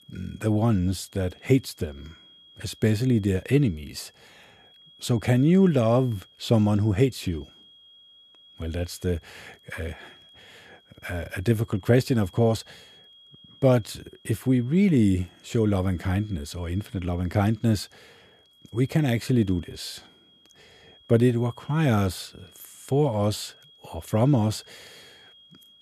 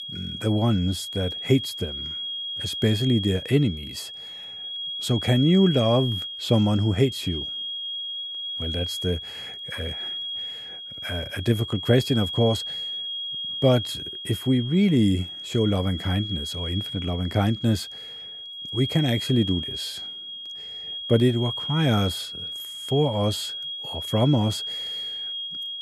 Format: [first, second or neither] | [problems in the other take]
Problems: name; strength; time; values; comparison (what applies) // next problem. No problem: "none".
first | high-pitched whine; loud; throughout; 3.5 kHz, 6 dB below the speech; faint in the first